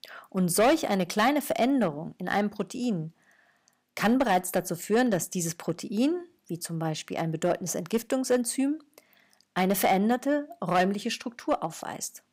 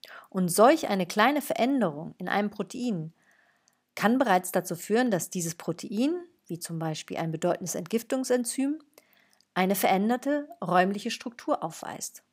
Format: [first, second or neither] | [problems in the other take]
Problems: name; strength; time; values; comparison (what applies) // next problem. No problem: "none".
second | distortion; slight; 2% of the sound clipped